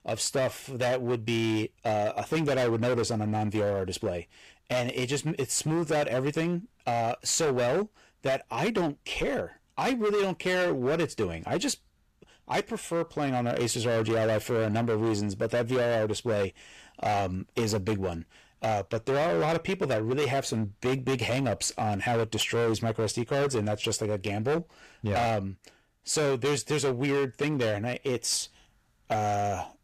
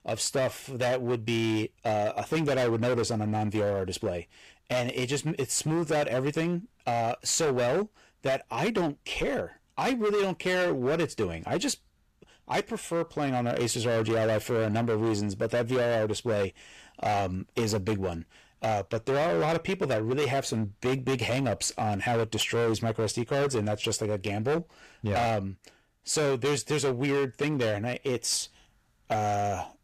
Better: neither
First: distortion; heavy; 17% of the sound clipped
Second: distortion; heavy; 17% of the sound clipped

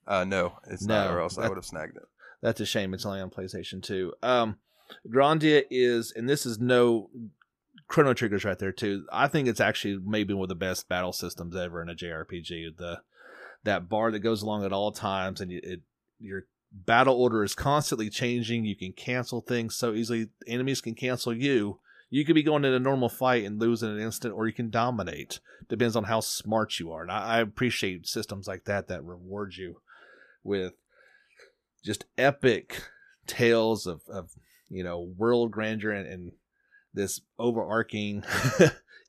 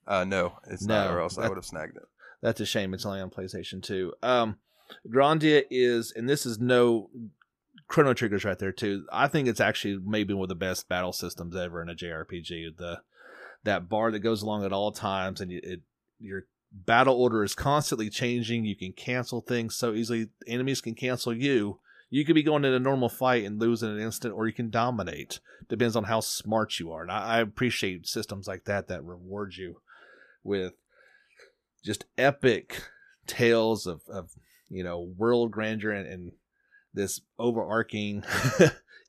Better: neither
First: none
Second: none

